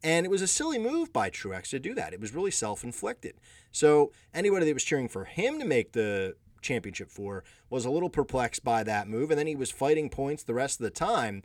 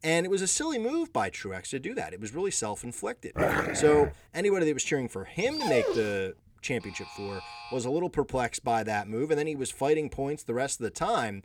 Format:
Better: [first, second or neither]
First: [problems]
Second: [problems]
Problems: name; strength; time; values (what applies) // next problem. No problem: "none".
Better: first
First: none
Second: dog barking; loud; at 3.5 s and at 5.5 s; peak 3 dB above the speech // alarm; faint; at 7 s; peak 15 dB below the speech